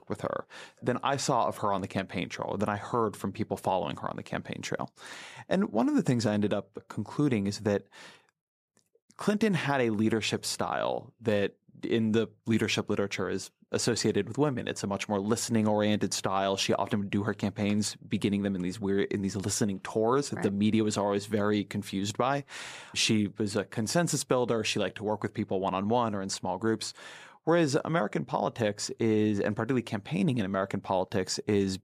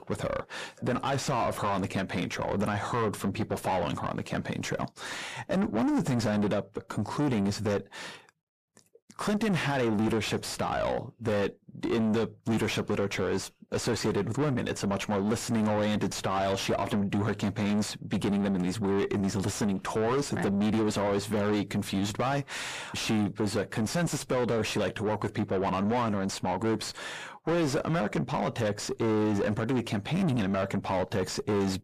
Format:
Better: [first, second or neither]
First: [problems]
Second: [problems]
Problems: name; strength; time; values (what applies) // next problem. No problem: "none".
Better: first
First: none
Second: distortion; heavy; 6 dB below the speech